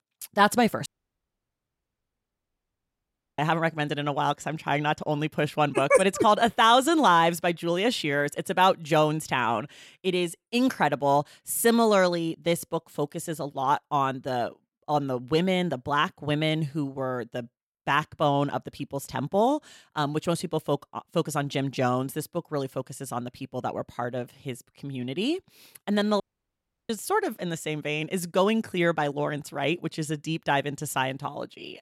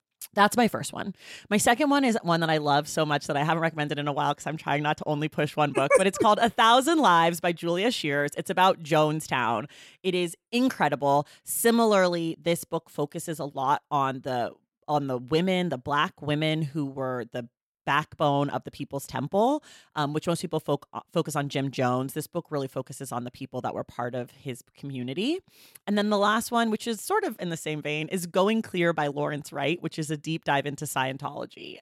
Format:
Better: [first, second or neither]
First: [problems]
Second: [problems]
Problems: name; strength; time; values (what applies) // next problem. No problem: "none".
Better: second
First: audio cutting out; at 1 s for 2.5 s and at 26 s for 0.5 s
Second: none